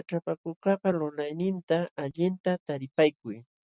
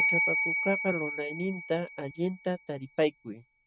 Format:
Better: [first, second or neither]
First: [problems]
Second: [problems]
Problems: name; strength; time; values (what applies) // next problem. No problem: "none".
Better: first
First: none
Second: background sound (Bell); 1 dB below the speech